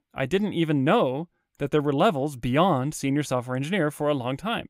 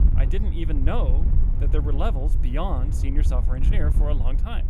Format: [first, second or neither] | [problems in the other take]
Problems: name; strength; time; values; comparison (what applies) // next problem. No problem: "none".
first | wind noise on the microphone; heavy; 8 dB below the speech